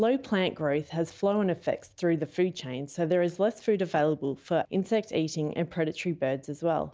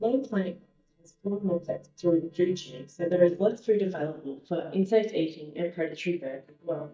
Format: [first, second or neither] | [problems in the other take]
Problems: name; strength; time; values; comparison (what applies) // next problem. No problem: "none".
first | noise reduction (neural mask model DeepFilterNet 3)